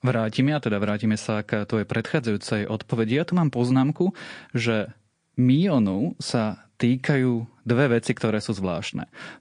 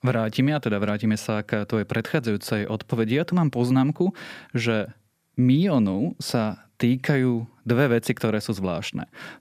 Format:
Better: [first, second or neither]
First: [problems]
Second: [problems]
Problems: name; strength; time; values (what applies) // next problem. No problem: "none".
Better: second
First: garbled, watery; slightly; nothing above 9.5 kHz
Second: none